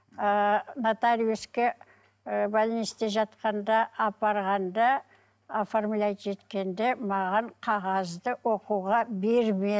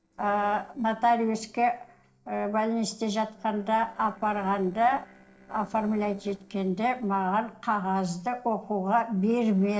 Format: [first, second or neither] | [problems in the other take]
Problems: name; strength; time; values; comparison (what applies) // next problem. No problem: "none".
first | noise reduction (neural separator model SepFormer DNS4)